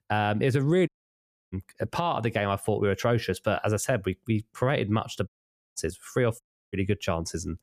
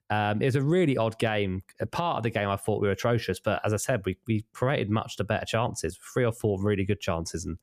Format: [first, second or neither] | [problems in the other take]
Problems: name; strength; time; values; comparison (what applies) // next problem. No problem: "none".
second | audio cutting out; at 1 s for 0.5 s, at 5.5 s and at 6.5 s